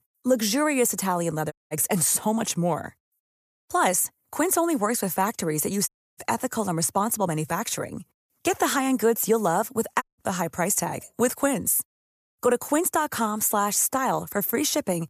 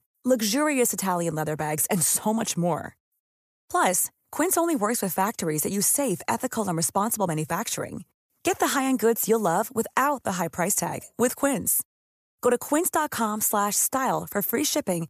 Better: second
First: audio cutting out; at 1.5 s, at 6 s and at 10 s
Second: none

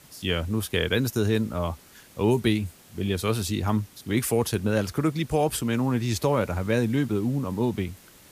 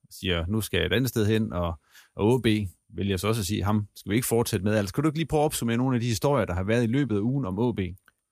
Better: second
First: hiss; faint; throughout; 25 dB below the speech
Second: none

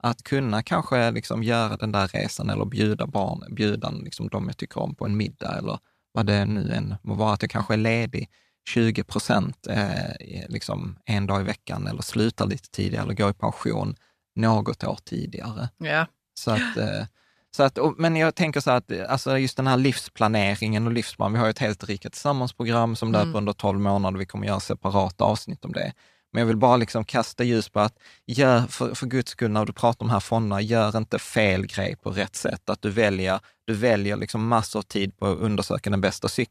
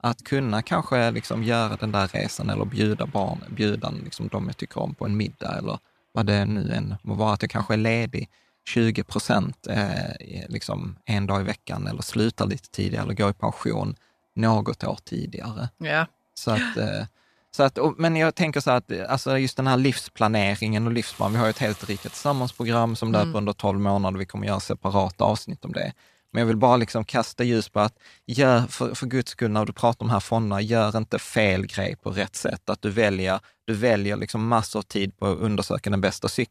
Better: first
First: none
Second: household noises; faint; throughout; 25 dB below the speech

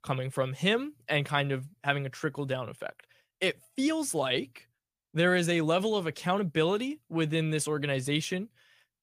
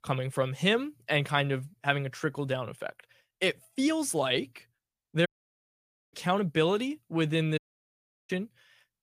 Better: first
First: none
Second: audio cutting out; at 5.5 s for 1 s and at 7.5 s for 0.5 s

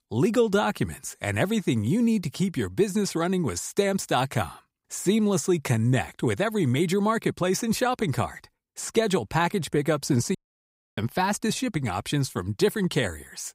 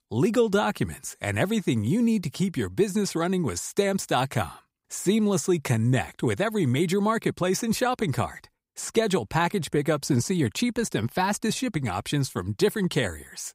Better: second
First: audio cutting out; at 10 s for 0.5 s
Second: none

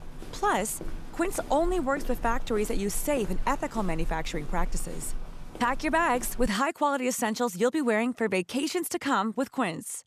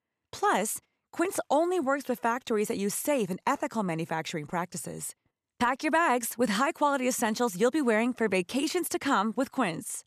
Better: second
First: footsteps; faint; until 6.5 s; peak 10 dB below the speech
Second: none

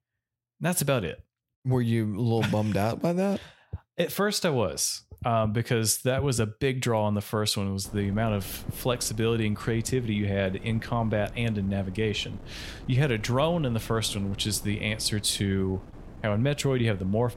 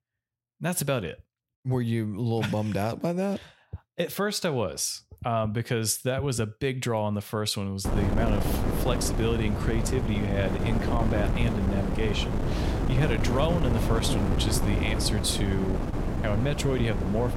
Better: first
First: wind noise on the microphone; occasional gusts; from 8 s on; 20 dB below the speech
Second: wind noise on the microphone; heavy; from 8 s on; 3 dB below the speech

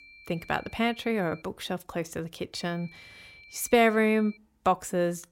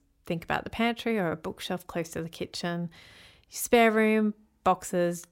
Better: second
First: high-pitched whine; faint; until 1.5 s and from 2.5 to 4.5 s; 2.5 kHz, 20 dB below the speech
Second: none

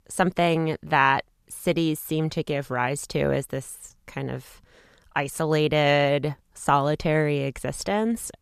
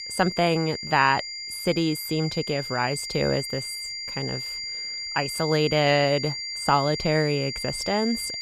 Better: first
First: none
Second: high-pitched whine; loud; throughout; 4.5 kHz, 6 dB below the speech

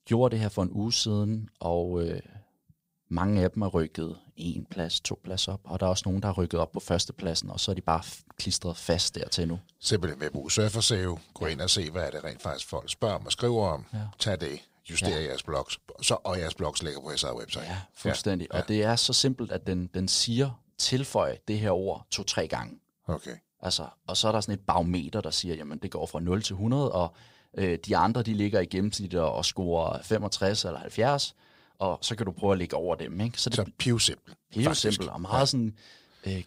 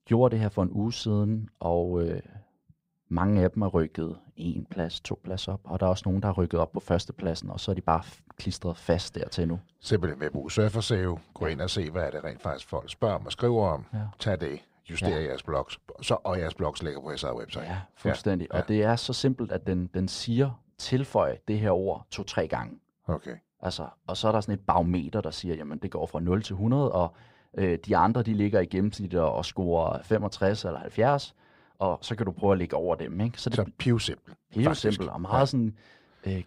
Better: first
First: none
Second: muffled; slightly; fading above 3 kHz

